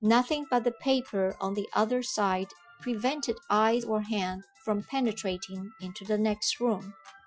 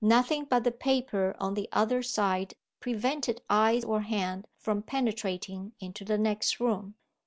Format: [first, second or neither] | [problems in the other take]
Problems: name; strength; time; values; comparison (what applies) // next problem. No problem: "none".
second | noise reduction (classical method Wiener filter)